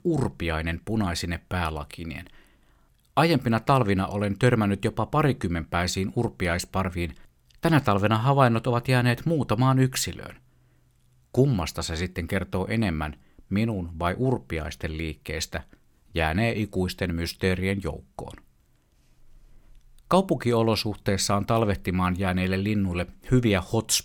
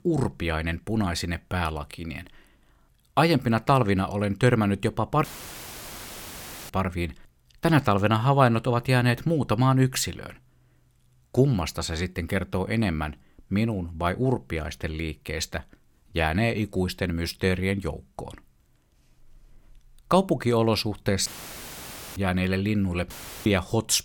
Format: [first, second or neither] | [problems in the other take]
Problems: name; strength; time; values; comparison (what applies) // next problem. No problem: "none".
first | audio cutting out; filled with static; at 5 s for 1.5 s, at 21 s for 1 s and at 23 s